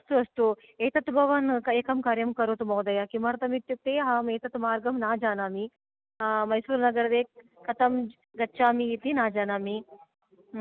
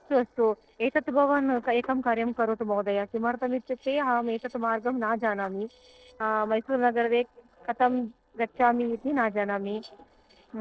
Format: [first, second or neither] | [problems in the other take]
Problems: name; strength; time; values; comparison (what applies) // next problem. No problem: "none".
first | noise reduction (neural separator model SepFormer DNS4)